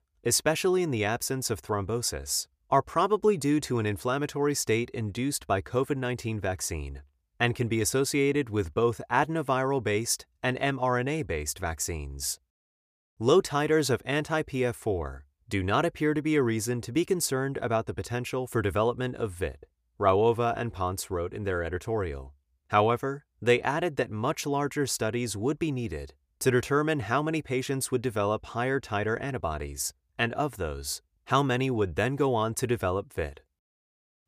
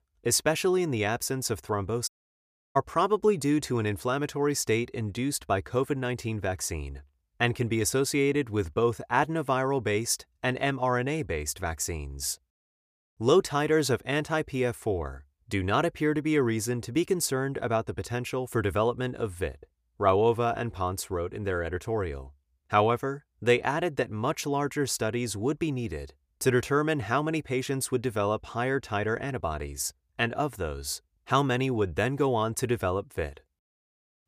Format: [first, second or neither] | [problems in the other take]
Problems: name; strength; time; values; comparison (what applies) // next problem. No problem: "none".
first | audio cutting out; at 2 s for 0.5 s